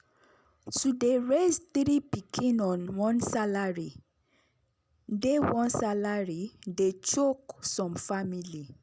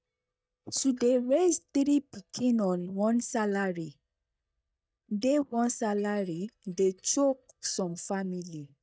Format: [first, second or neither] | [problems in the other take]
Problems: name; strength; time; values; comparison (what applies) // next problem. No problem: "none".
first | noise reduction (neural mask model DeepFilterNet 3)